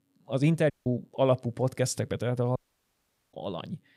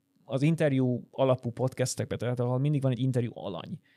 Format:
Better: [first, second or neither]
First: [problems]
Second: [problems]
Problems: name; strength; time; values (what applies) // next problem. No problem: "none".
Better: second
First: audio cutting out; at 0.5 s and at 2.5 s for 1 s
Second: none